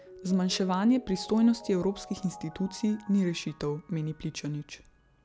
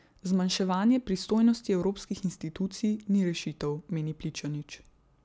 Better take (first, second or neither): second